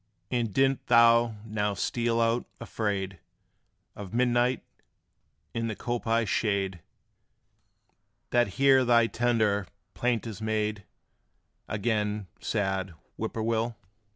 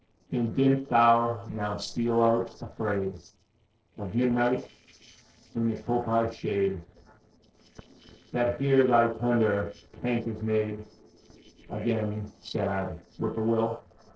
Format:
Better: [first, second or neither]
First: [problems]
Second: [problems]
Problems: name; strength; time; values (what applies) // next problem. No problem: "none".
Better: first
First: none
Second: noise reduction (neural separator model SepFormer DNS4)